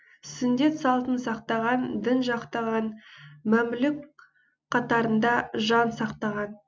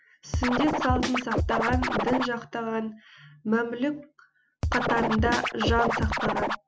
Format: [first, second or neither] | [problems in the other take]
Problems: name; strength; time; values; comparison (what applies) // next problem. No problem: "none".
first | background sound (Scratching (performance technique)); 2 dB above the speech